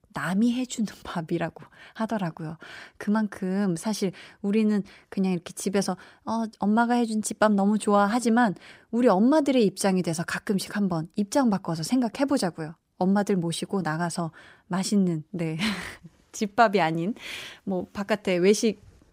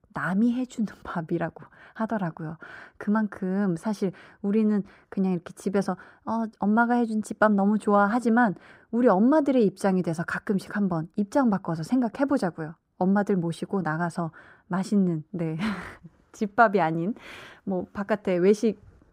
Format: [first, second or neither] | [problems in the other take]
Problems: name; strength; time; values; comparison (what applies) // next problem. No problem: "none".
first | muffled; slightly; fading above 1.5 kHz